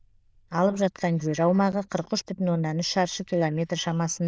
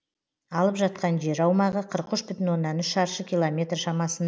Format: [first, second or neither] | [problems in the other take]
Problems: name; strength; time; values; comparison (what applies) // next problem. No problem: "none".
second | noise reduction (neural diffusion model UNIVERSE++)